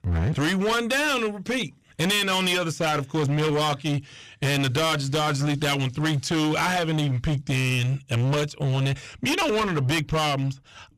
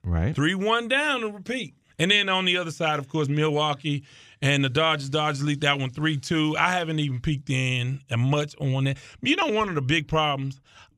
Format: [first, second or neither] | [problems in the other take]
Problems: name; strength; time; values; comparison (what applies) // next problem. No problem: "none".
second | distortion; heavy; 27% of the sound clipped